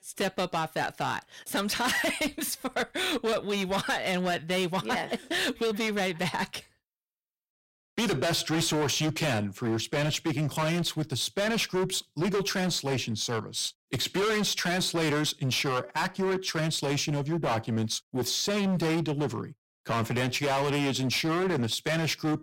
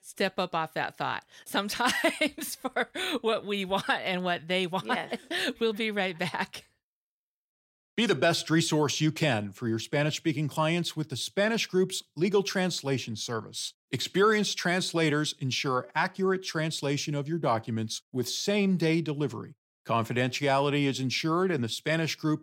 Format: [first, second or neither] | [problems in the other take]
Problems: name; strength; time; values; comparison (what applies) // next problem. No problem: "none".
second | distortion; heavy; 20% of the sound clipped